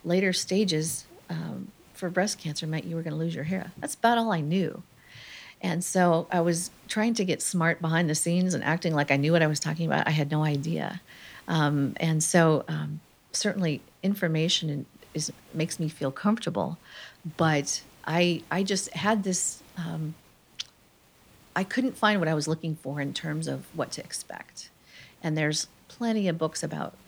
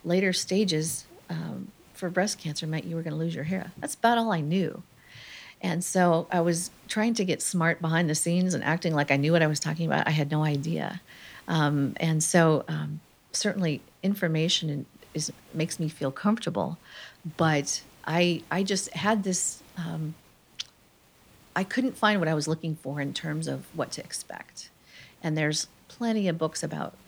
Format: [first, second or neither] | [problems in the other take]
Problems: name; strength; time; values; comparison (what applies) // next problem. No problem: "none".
neither | hiss; faint; throughout; 30 dB below the speech; the same in both